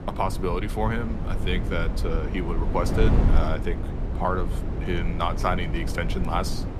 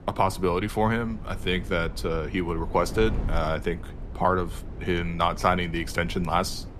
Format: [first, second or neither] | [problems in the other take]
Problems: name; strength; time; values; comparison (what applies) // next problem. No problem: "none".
second | wind noise on the microphone; heavy; 8 dB below the speech; occasional gusts in the second